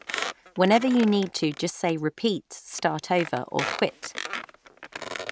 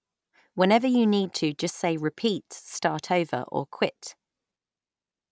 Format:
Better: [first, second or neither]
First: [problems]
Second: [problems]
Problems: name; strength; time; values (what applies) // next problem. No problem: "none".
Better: second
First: background sound (Squeak); 11 dB below the speech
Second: none